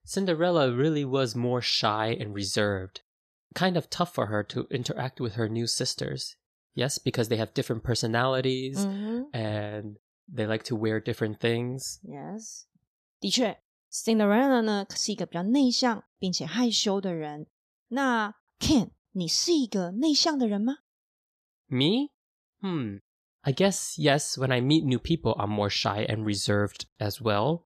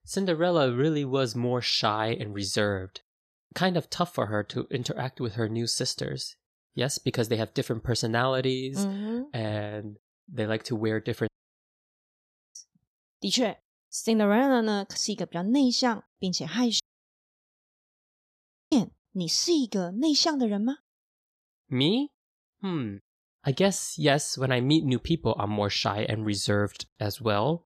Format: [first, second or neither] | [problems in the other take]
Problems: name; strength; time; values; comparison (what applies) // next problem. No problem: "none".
first | audio cutting out; at 11 s for 1.5 s and at 17 s for 2 s